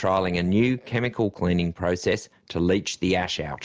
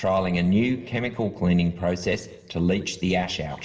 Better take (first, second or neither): first